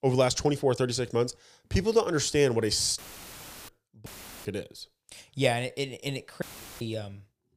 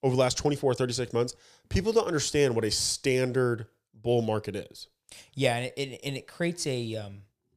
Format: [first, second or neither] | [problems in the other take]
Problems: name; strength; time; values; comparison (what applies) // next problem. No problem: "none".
second | audio cutting out; filled with static; at 3 s for 0.5 s, at 4 s and at 6.5 s